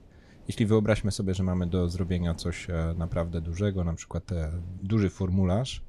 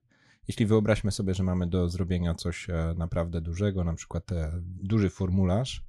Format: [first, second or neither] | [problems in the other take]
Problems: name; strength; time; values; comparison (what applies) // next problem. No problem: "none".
second | wind noise on the microphone; occasional gusts; 25 dB below the speech